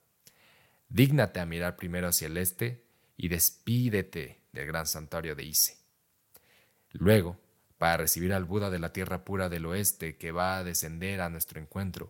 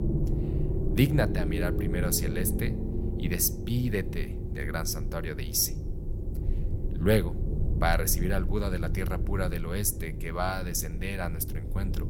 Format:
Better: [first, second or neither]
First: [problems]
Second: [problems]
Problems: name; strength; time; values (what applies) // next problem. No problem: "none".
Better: first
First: none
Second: low rumble; loud; throughout; 9 dB below the speech